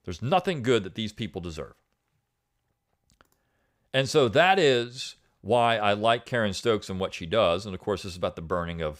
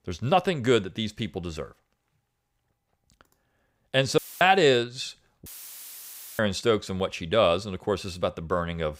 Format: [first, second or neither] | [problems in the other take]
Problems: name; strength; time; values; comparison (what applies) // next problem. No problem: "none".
first | audio cutting out; filled with static; at 4 s and at 5.5 s for 1 s